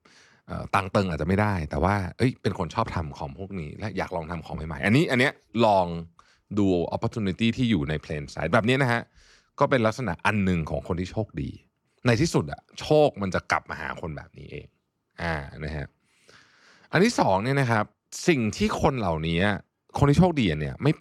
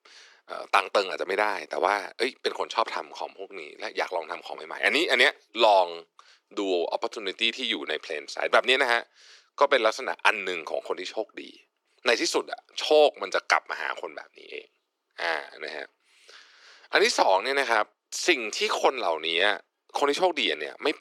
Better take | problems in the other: first | thin; very; fading below 350 Hz

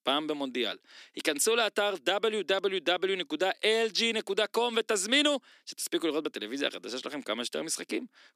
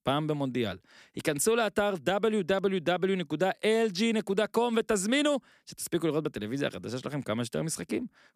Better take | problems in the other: second | thin; very slightly; fading below 300 Hz

